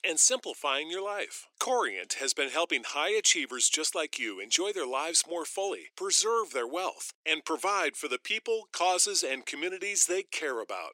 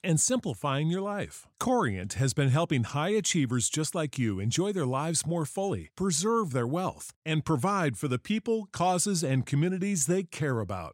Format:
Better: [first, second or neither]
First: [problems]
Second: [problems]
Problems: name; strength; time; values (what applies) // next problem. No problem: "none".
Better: second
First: thin; very; fading below 350 Hz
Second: none